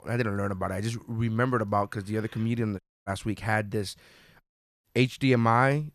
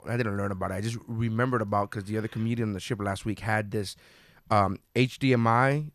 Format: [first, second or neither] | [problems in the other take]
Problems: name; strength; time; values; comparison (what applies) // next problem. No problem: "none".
second | audio cutting out; at 3 s and at 4.5 s